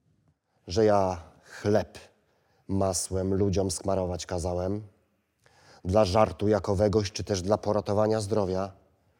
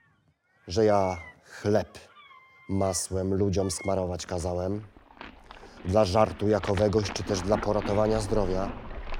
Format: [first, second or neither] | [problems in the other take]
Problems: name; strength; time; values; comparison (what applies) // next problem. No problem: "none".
first | animal sounds; noticeable; throughout; 15 dB below the speech